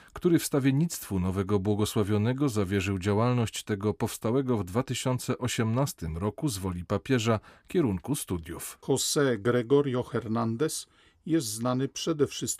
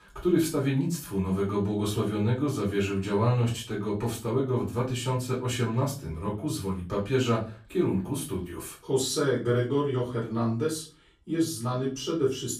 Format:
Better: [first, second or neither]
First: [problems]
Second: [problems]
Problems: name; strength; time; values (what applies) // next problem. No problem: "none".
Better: first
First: none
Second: off-mic speech; far // room echo; slight; dies away in 0.3 s